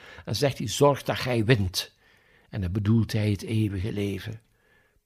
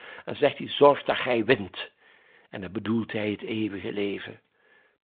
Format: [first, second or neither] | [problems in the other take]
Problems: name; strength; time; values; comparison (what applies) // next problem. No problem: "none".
first | phone-call audio; nothing above 3.5 kHz